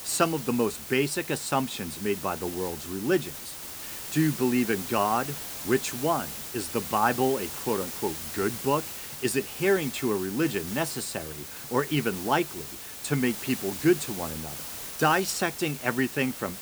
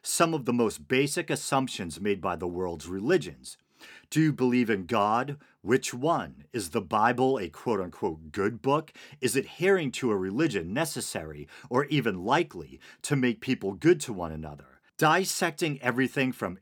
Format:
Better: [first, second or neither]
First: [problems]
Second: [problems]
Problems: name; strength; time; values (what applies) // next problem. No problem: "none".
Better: second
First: hiss; loud; throughout; 8 dB below the speech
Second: none